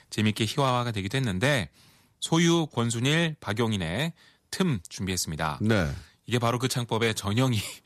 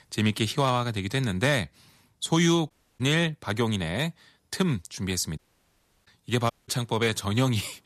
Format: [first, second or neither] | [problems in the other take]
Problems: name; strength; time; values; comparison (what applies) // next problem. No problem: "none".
first | audio cutting out; at 2.5 s, at 5.5 s for 0.5 s and at 6.5 s